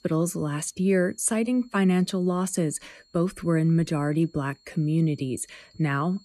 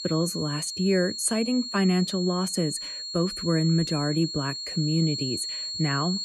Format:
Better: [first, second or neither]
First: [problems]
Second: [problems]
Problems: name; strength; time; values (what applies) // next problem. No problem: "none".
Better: first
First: high-pitched whine; faint; throughout; 4.5 kHz, 35 dB below the speech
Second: high-pitched whine; loud; throughout; 4.5 kHz, 5 dB below the speech